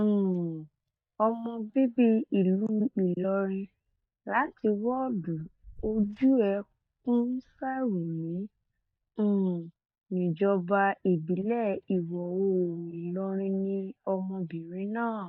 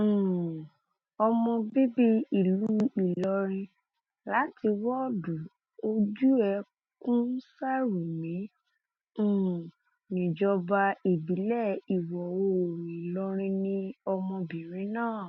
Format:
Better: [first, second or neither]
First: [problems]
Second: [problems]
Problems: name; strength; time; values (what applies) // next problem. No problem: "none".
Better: second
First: noise reduction (neural mask model DeepFilterNet 3)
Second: none